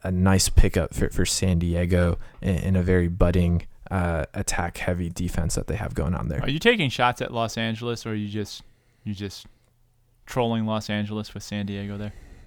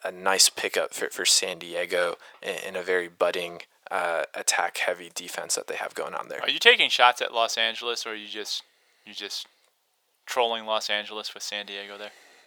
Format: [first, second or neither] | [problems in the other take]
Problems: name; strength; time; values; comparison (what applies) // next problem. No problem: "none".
first | thin; very; fading below 500 Hz